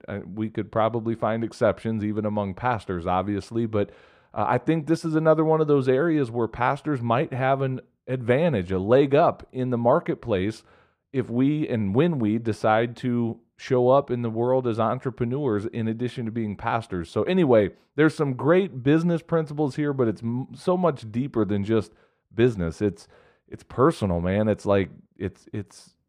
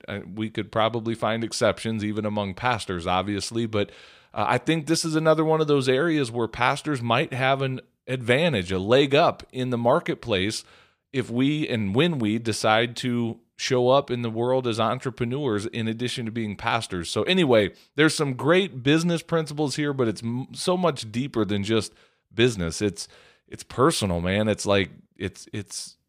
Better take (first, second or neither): second